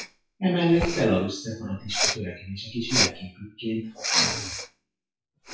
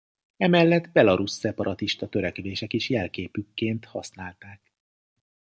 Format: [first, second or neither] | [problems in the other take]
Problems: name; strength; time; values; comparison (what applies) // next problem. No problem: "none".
second | noise reduction (classical method WPE with log-MMSE)